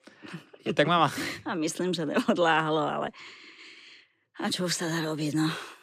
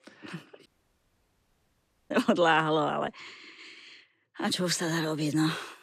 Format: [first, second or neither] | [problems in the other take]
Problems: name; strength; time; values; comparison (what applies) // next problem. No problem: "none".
first | audio cutting out; at 0.5 s for 1.5 s